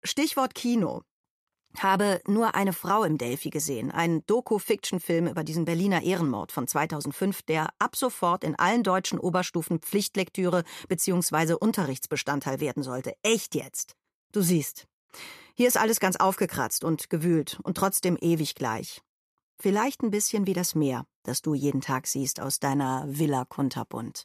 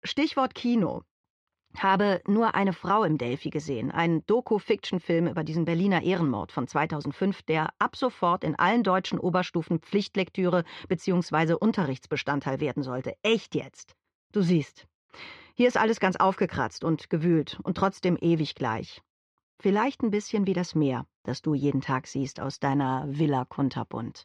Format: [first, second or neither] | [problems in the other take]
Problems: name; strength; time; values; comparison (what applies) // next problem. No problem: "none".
first | muffled; slightly; fading above 4 kHz